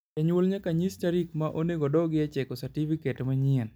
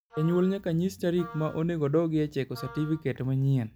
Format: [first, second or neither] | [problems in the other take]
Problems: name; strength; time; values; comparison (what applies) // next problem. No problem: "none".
first | background sound (Wind instrument, woodwind instrument); 19 dB below the speech